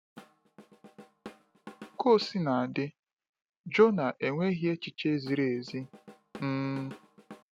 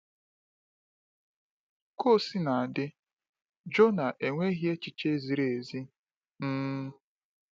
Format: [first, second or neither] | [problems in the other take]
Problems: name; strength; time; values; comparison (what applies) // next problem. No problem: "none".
second | background sound (Drum / Drum kit); 19 dB below the speech